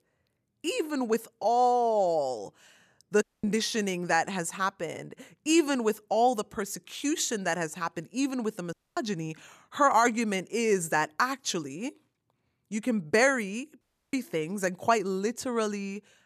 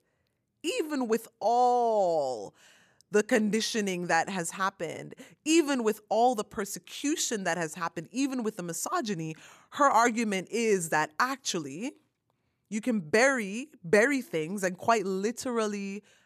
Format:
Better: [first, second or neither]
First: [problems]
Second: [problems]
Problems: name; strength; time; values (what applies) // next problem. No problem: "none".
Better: second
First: audio cutting out; at 3 s, at 8.5 s and at 14 s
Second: none